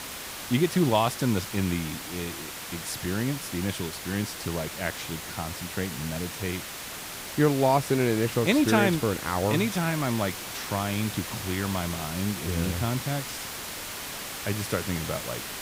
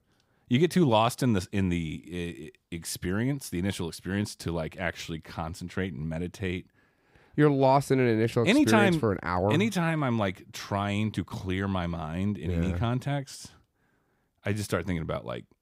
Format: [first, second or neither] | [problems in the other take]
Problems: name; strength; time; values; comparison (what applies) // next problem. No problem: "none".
second | hiss; loud; throughout; 7 dB below the speech